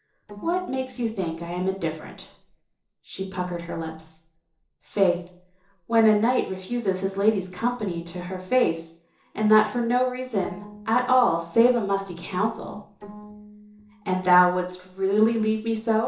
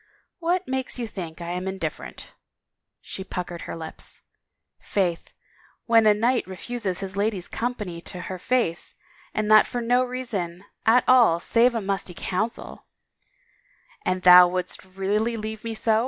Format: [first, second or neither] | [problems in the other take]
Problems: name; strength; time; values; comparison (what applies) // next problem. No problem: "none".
second | noise reduction (neural separator model SepFormer DNS4)